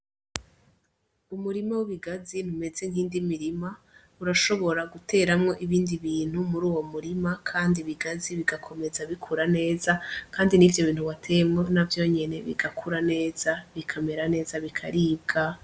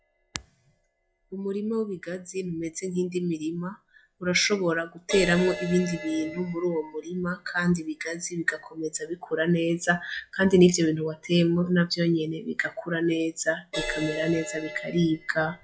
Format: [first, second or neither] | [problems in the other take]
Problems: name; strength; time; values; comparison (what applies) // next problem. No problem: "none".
first | noise reduction (classical method log-MMSE)